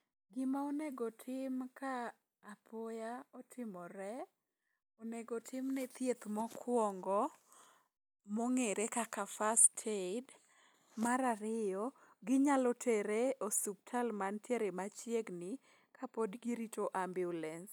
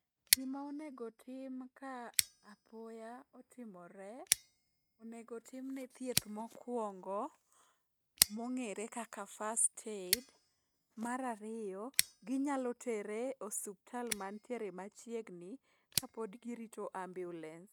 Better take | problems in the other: first | noise reduction (neural mask model RNNoise)

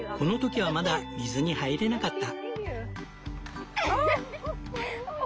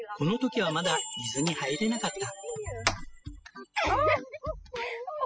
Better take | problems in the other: first | noise reduction (classical method spectral subtraction)

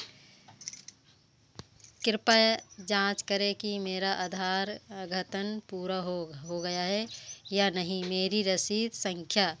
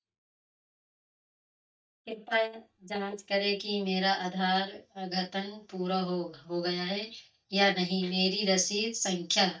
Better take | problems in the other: first | noise reduction (neural mask model DeepFilterNet 3)

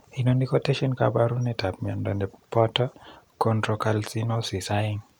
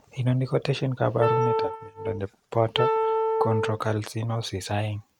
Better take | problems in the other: first | noise reduction (neural mask model RNNoise)

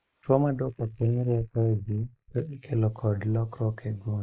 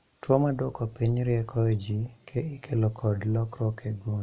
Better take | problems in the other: second | noise reduction (neural mask model Resemble Enhance denoiser)

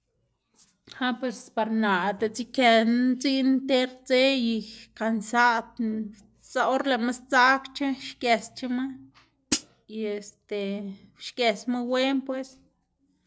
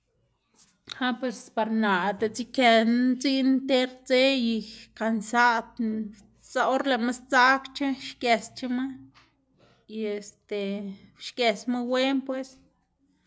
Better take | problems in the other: second | noise reduction (neural separator model SepFormer DNS4)

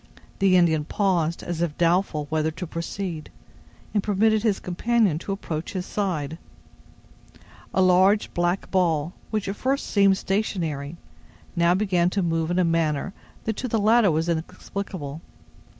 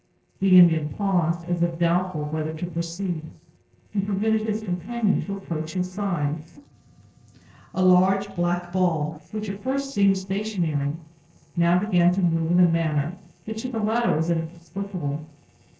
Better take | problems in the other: first | noise reduction (neural separator model SepFormer DNS4)

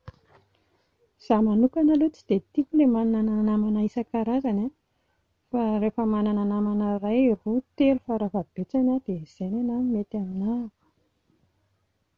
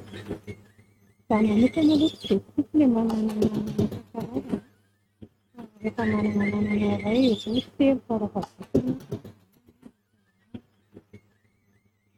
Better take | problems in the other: first | noise reduction (neural mask model RNNoise)

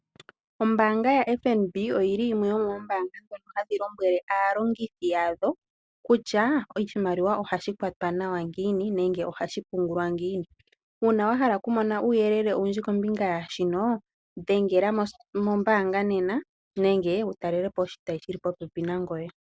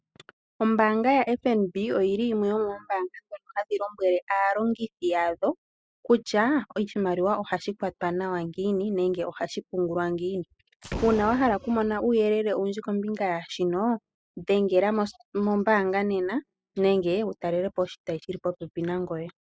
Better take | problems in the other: first | noise reduction (classical method spectral subtraction)

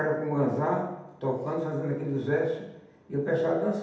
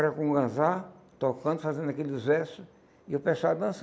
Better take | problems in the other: second | room echo; dies away in 0.8 s

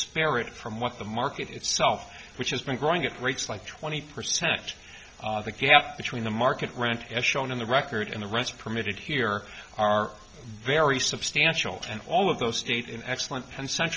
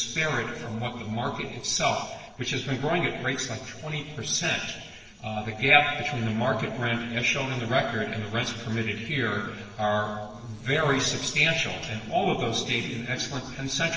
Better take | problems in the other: first | noise reduction (neural separator model SepFormer DNS4)

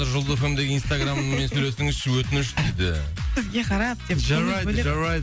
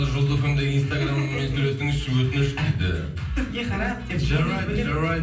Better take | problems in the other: first | room echo; dies away in 0.6 s

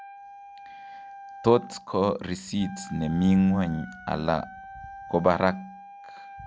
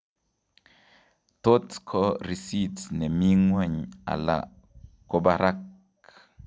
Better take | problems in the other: second | background sound (Wind instrument, woodwind instrument); 17 dB below the speech

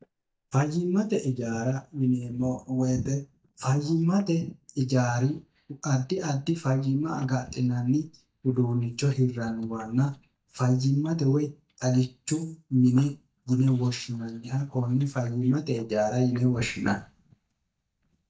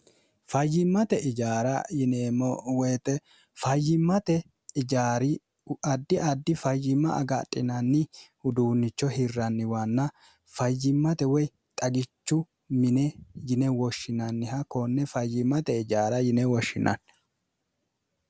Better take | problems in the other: second | noise reduction (neural mask model DeepFilterNet 3)

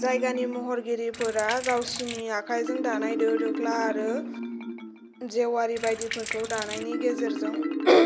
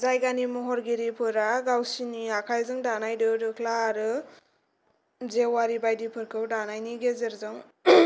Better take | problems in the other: second | background sound (Marimba, xylophone + Sink (filling or washing)); 6 dB below the speech

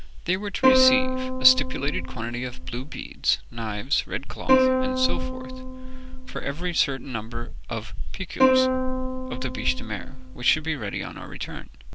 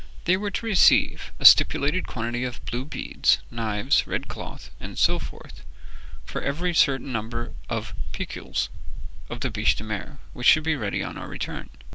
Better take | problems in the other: second | background sound (Plucked string instrument); as loud as the speech

